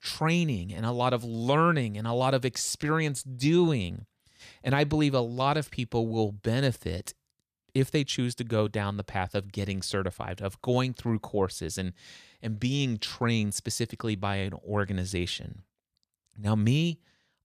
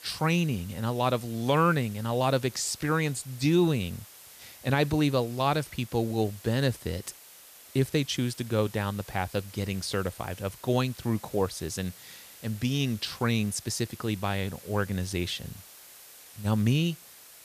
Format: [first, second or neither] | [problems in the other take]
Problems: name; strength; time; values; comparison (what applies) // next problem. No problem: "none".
first | hiss; noticeable; throughout; 20 dB below the speech